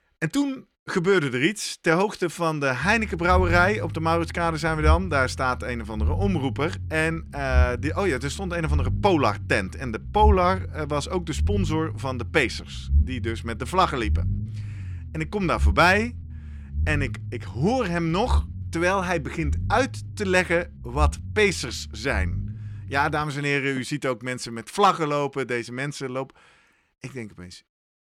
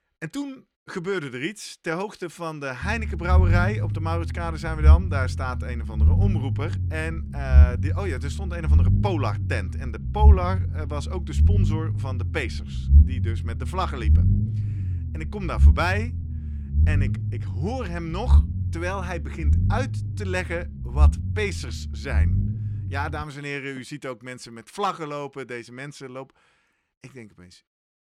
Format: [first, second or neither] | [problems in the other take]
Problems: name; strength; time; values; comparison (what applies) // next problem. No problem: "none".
first | low rumble; loud; from 3 to 23 s; 9 dB below the speech; faint in the first